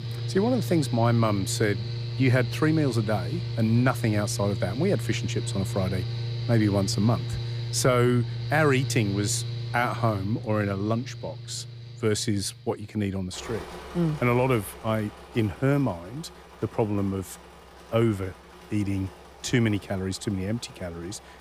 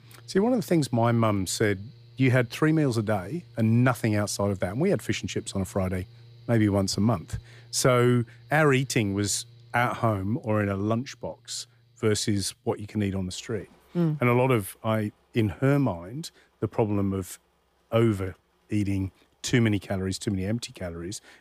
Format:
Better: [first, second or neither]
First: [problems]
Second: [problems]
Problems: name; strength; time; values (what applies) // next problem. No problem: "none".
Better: second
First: machinery noise; loud; throughout; 6 dB below the speech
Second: machinery noise; faint; throughout; 25 dB below the speech